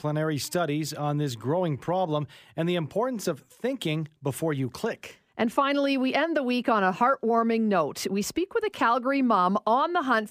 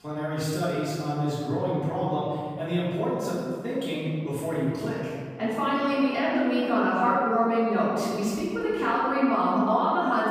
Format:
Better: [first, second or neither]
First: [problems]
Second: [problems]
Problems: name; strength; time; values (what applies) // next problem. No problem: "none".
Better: first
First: none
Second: off-mic speech; far // room echo; strong; dies away in 2 s